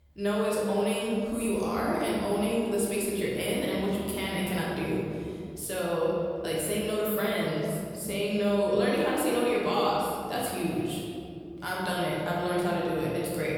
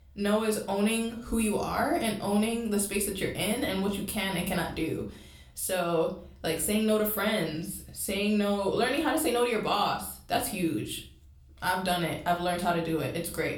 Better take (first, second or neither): second